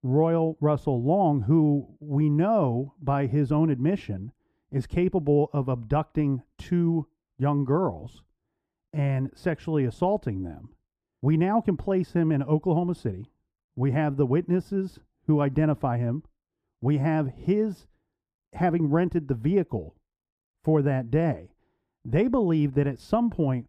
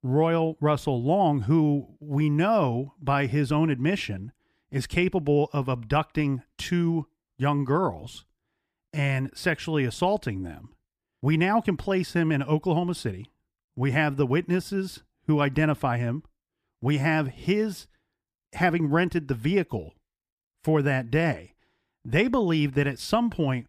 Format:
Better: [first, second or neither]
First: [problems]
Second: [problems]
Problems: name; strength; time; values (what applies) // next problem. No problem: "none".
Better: second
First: muffled; slightly; fading above 1.5 kHz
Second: none